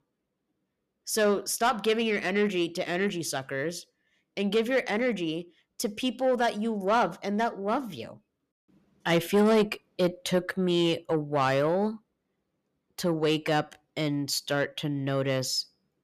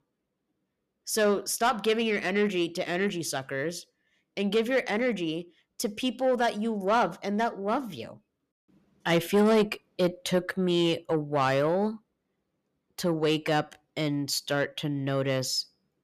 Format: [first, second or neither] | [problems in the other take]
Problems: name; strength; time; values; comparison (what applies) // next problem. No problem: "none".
neither | distortion; slight; 10 dB below the speech; the same in both